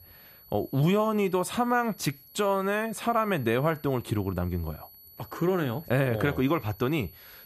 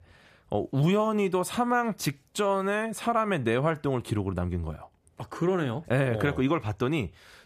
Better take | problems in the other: second | high-pitched whine; faint; throughout; 12 kHz, 20 dB below the speech

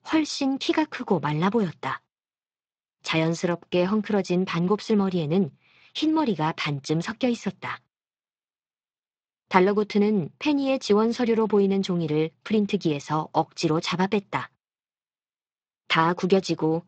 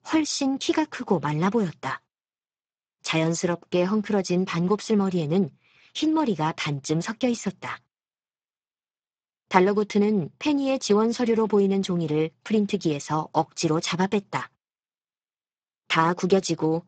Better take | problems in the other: first | garbled, watery; badly; nothing above 7.5 kHz; slightly in the first

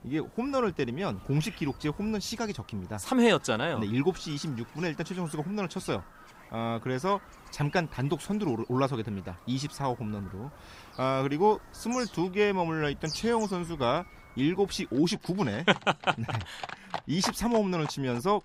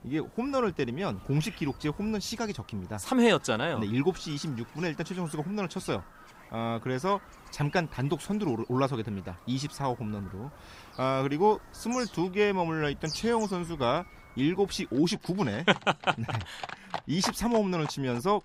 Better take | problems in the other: neither | animal sounds; noticeable; throughout; 15 dB below the speech; the same in both

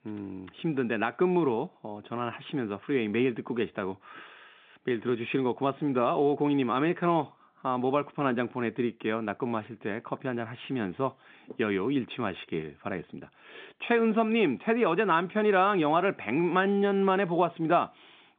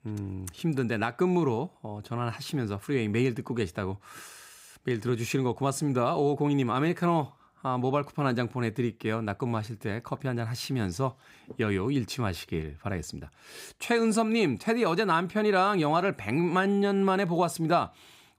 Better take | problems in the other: second | phone-call audio

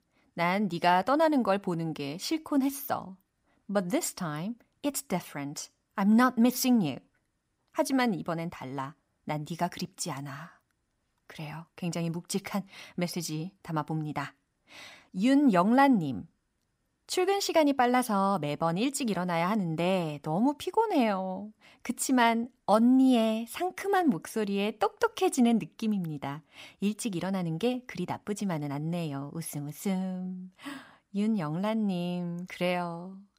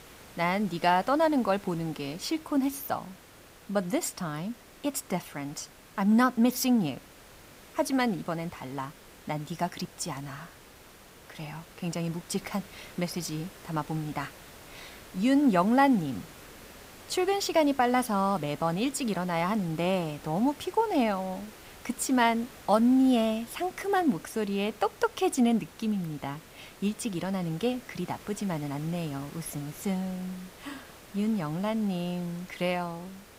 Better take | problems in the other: first | hiss; noticeable; throughout; 20 dB below the speech

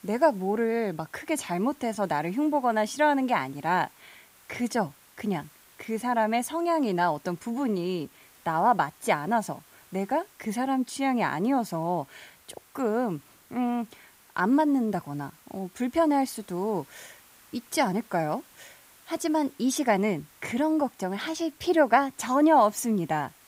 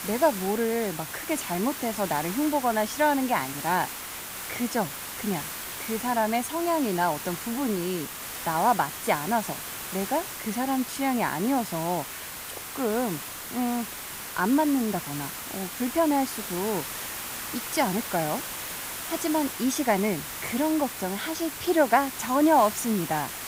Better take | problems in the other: first | hiss; loud; throughout; 7 dB below the speech; faint in the first

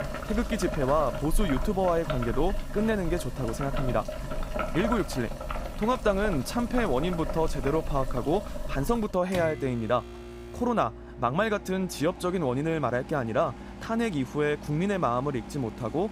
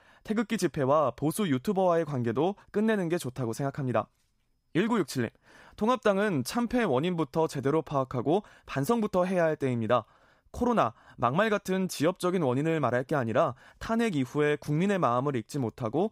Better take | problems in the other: second | household noises; loud; throughout; 8 dB below the speech

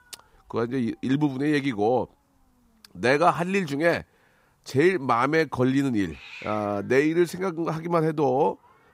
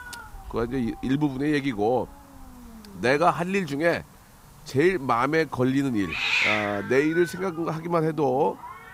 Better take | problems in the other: first | hiss; loud; throughout; 2 dB below the speech; faint in the first

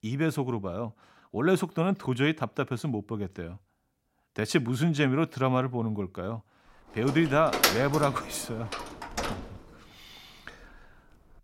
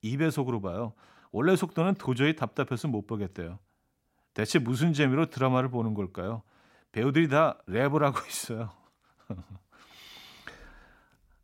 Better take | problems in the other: second | door banging; loud; from 7 to 9.5 s; peak 4 dB above the speech

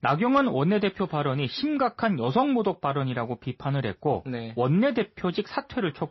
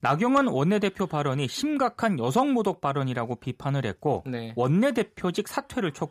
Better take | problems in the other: second | garbled, watery; slightly; nothing above 5.5 kHz

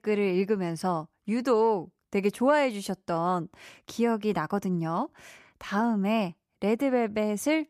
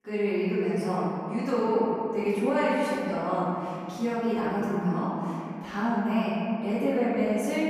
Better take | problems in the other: first | room echo; strong; dies away in 2.4 s // off-mic speech; far

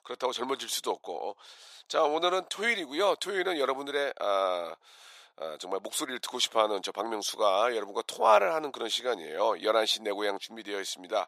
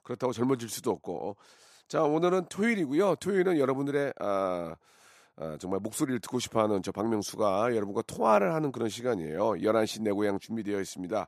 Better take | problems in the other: second | thin; very; fading below 650 Hz

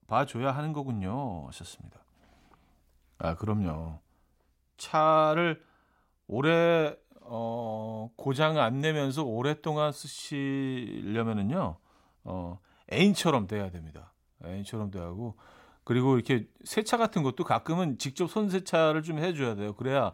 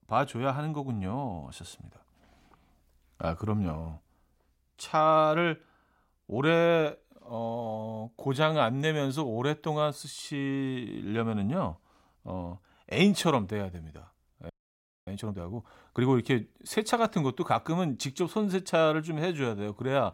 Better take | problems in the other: first | audio freezing; at 15 s for 0.5 s

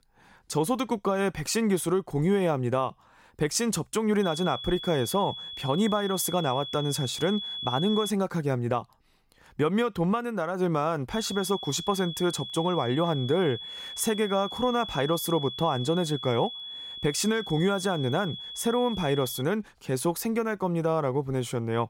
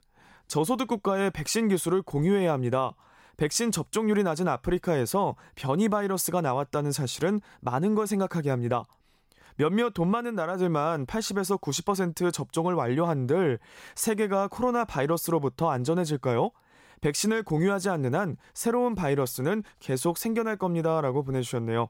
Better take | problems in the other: second | high-pitched whine; loud; from 4 to 8 s and from 11 to 19 s; 3.5 kHz, 8 dB below the speech

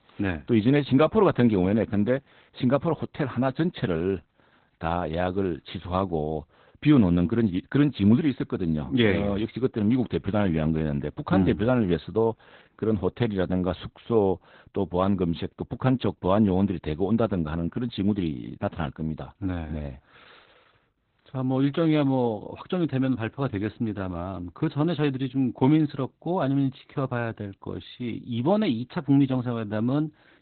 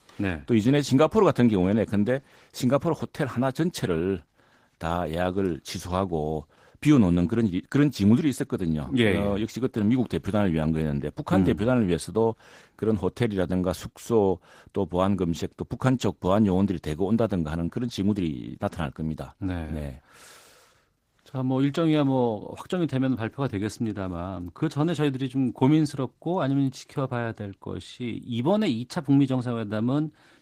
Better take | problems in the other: second | garbled, watery; badly; nothing above 4 kHz; slightly in the second

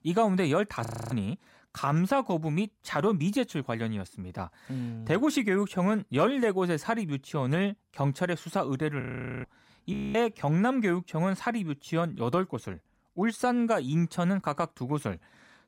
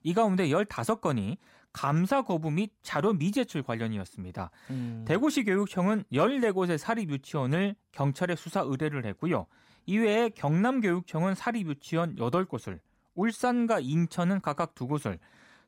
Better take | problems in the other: second | audio freezing; at 1 s, at 9 s and at 10 s

